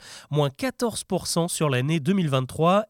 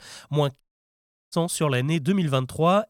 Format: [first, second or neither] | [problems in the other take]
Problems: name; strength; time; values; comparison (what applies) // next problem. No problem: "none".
first | audio cutting out; at 0.5 s for 0.5 s